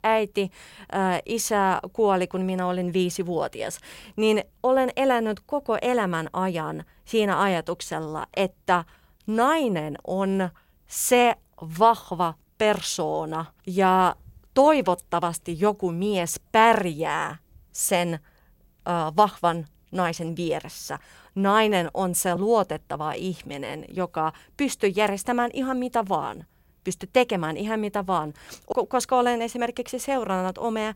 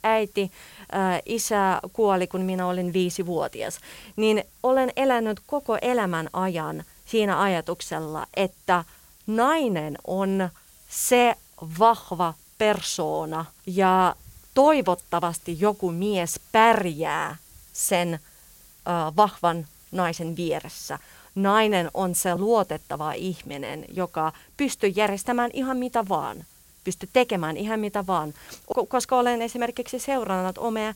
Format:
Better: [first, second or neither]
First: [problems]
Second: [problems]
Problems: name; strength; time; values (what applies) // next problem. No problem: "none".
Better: first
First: none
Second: hiss; faint; throughout; 25 dB below the speech